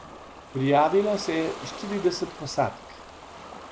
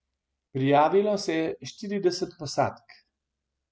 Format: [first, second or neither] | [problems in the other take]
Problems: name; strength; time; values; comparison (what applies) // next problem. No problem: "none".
second | background sound (Ocean); 14 dB below the speech